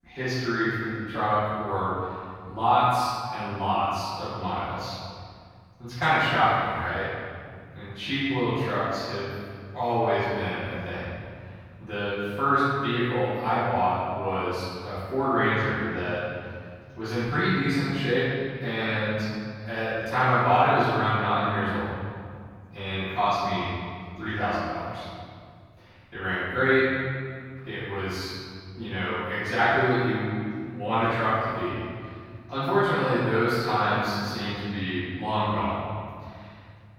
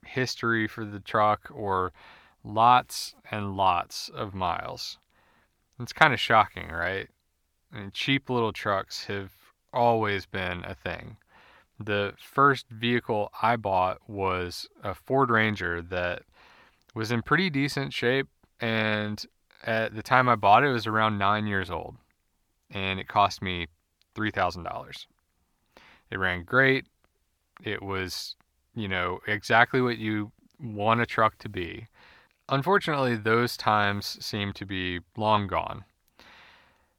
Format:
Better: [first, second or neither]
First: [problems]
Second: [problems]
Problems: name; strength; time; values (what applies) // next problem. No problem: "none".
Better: second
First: off-mic speech; far // room echo; strong; dies away in 2.3 s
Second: none